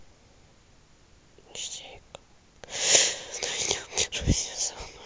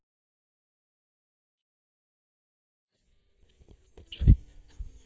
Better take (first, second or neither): first